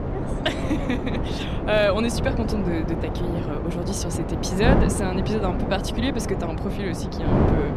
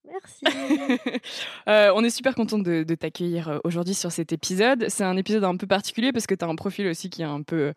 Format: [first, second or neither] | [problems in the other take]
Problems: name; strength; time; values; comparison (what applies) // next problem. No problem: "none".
second | wind noise on the microphone; heavy; 3 dB below the speech